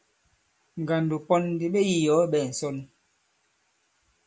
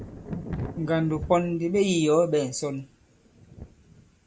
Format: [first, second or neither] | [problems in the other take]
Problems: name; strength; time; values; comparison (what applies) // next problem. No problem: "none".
first | background sound (Thunder); 13 dB below the speech